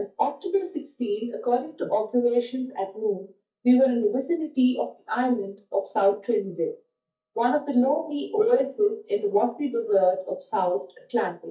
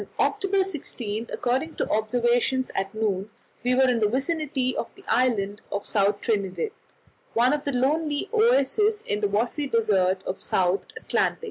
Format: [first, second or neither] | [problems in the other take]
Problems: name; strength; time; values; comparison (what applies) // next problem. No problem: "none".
second | noise reduction (neural mask model DeepFilterNet 3)